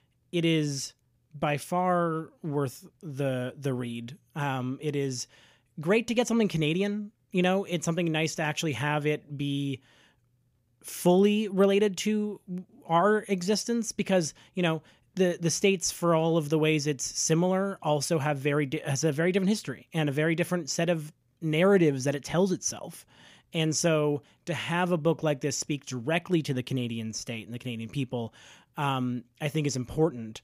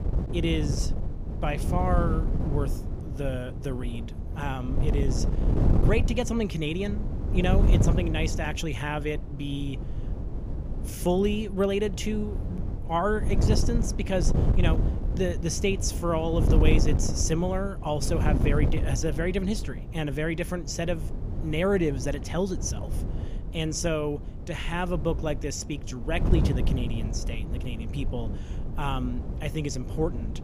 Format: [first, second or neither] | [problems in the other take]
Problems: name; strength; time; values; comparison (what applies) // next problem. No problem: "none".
first | wind noise on the microphone; heavy; 8 dB below the speech